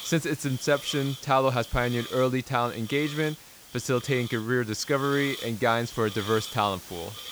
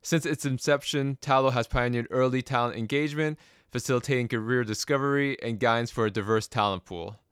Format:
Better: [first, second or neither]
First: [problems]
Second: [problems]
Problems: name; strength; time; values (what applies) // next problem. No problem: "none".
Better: second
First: hiss; noticeable; throughout; 15 dB below the speech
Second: none